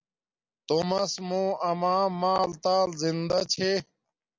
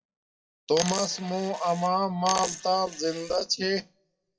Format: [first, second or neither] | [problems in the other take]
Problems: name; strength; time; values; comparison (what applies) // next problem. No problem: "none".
first | noise reduction (classical method WPE with log-MMSE)